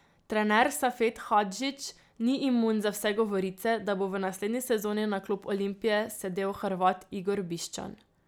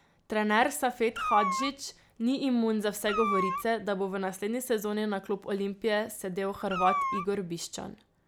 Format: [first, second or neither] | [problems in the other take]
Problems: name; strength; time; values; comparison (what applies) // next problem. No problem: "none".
first | background sound (Meow); 5 dB below the speech